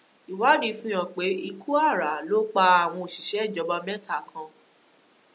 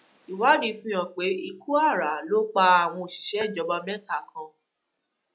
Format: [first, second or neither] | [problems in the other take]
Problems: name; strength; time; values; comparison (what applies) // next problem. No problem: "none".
first | noise reduction (classical method log-MMSE)